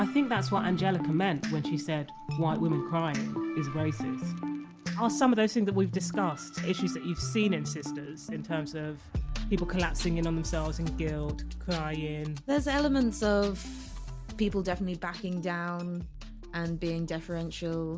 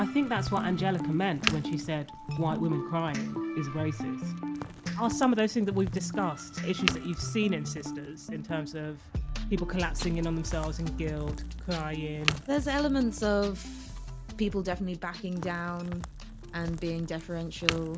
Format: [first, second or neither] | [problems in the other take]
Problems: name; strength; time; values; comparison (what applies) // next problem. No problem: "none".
first | background sound (Crack); 11 dB below the speech